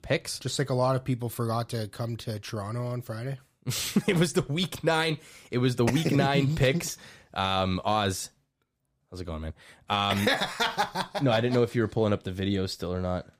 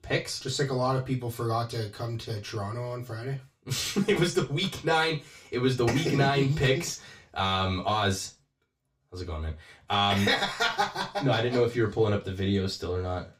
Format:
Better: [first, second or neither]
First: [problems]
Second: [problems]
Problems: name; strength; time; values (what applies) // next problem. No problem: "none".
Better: first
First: none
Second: room echo; very slight; dies away in 0.3 s // off-mic speech; far